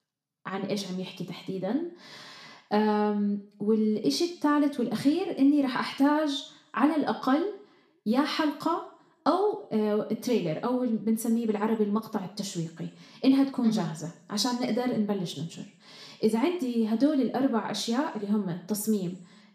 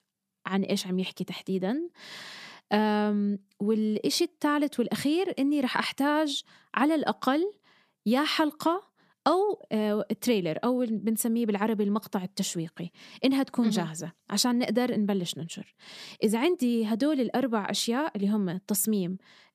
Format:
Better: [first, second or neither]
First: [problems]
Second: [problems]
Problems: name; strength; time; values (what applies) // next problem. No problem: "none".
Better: second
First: room echo; slight; dies away in 0.5 s // off-mic speech; somewhat distant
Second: none